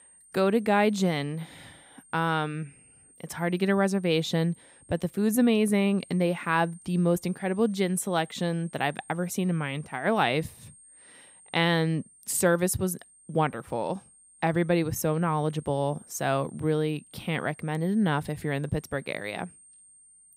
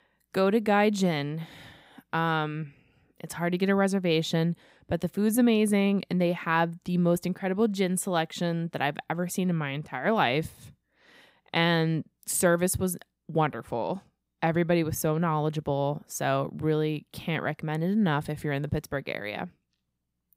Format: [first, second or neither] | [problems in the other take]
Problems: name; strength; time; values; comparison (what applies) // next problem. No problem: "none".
second | high-pitched whine; faint; throughout; 8.5 kHz, 25 dB below the speech